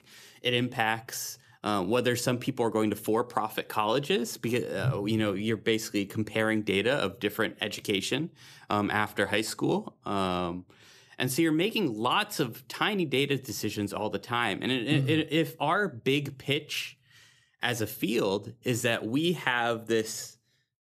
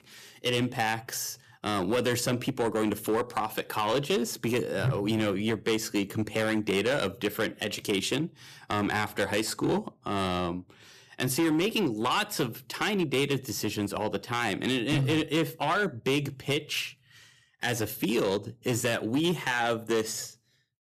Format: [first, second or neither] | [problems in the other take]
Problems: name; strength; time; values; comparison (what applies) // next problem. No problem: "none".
first | distortion; slight; 8% of the sound clipped